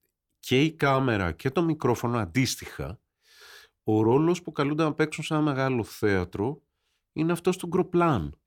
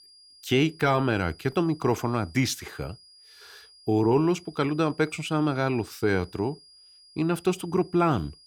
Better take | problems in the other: first | high-pitched whine; faint; throughout; 5 kHz, 25 dB below the speech

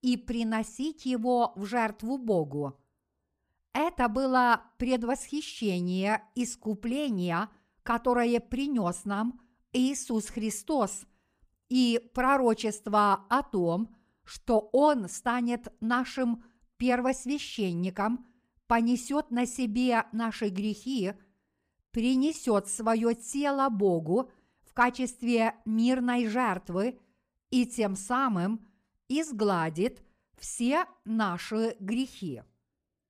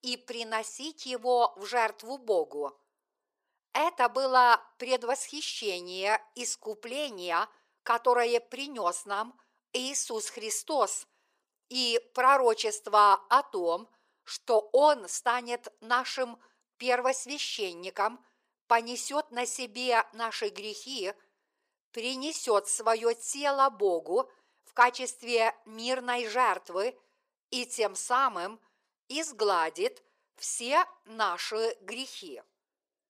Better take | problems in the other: first | thin; very; fading below 450 Hz

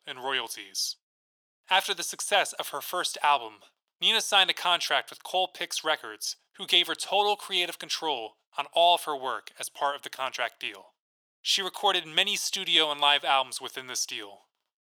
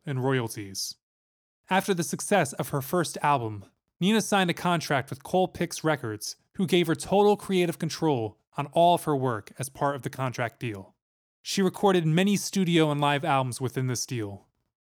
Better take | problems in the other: second | thin; very; fading below 800 Hz

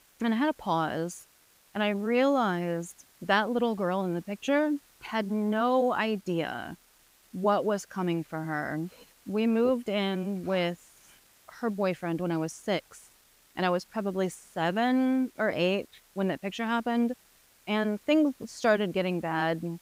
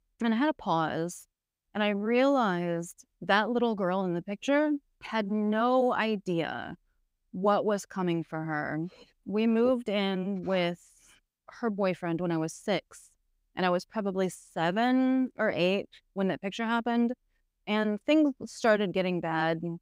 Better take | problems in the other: second | hiss; faint; throughout; 30 dB below the speech

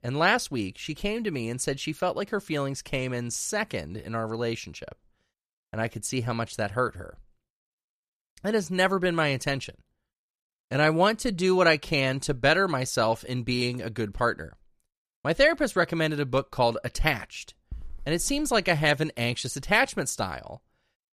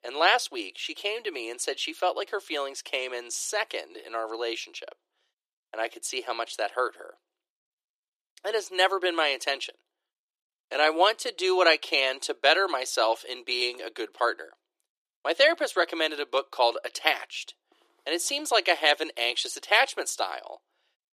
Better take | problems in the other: first | thin; very; fading below 350 Hz

